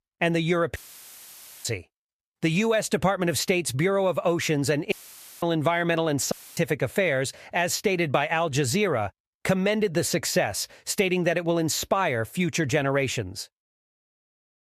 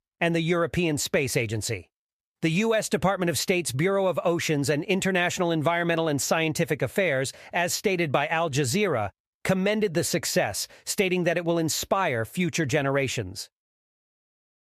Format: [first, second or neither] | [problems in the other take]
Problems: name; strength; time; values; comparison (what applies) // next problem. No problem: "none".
second | audio cutting out; filled with static; at 1 s for 1 s, at 5 s for 0.5 s and at 6.5 s